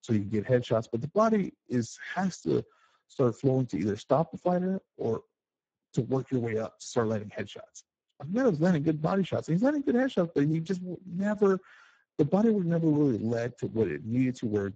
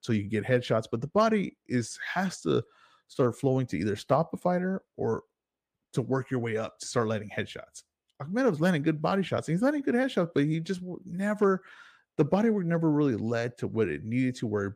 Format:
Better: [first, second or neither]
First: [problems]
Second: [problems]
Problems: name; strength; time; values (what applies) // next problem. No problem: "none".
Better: second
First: garbled, watery; badly; nothing above 7.5 kHz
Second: none